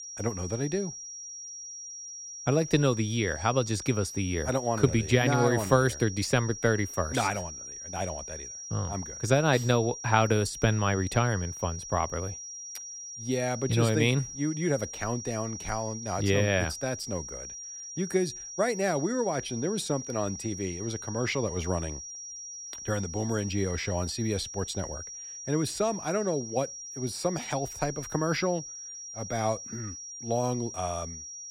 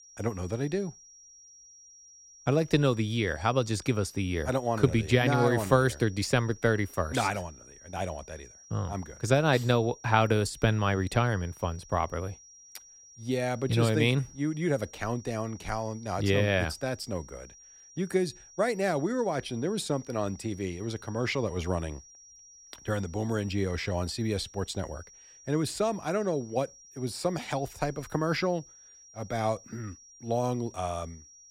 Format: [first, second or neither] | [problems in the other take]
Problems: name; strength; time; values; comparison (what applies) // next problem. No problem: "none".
second | high-pitched whine; loud; throughout; 5.5 kHz, 9 dB below the speech; faint in the second